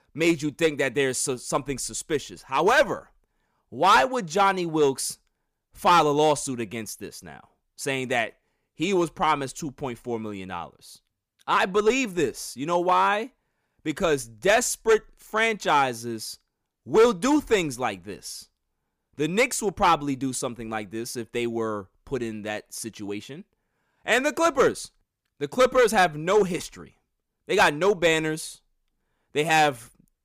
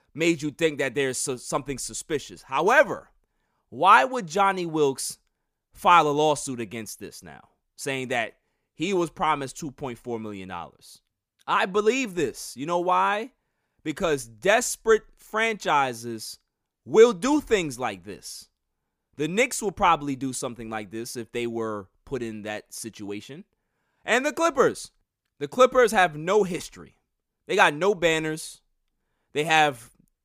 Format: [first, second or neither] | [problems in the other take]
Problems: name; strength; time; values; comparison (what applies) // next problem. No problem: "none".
second | distortion; slight; 1.9% of the sound clipped